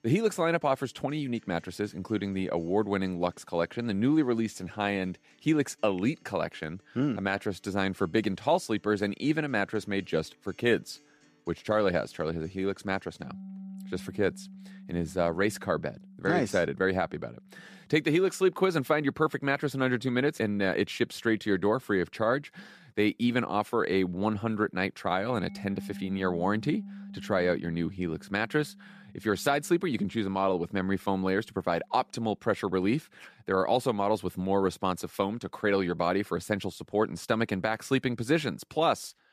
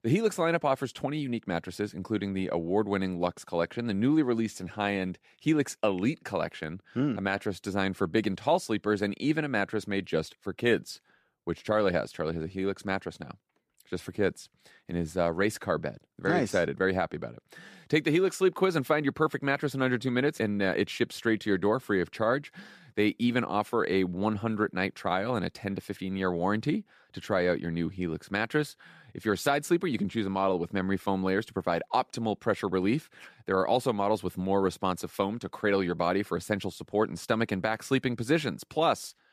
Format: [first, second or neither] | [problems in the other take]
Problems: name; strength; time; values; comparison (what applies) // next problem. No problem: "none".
second | background music; noticeable; throughout; 20 dB below the speech